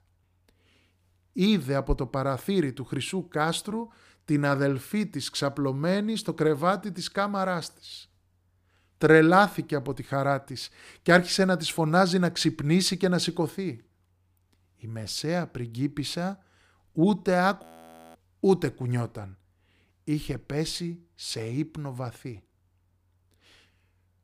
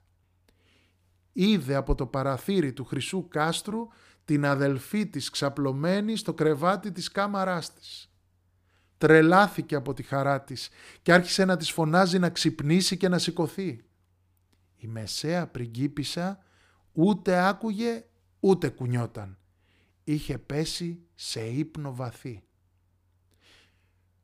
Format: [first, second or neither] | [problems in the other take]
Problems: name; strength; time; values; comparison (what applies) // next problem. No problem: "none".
second | audio freezing; at 18 s for 0.5 s